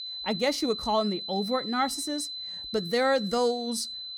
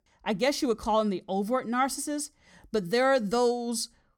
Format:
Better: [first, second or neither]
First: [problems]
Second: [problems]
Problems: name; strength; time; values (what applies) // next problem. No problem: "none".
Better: second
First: high-pitched whine; loud; throughout; 4 kHz, 6 dB below the speech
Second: none